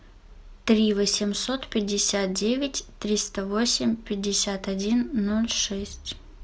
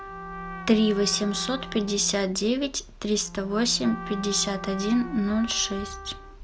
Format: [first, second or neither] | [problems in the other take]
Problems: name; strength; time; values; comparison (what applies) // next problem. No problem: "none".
first | background sound (Trumpet + Bowed string instrument); 12 dB below the speech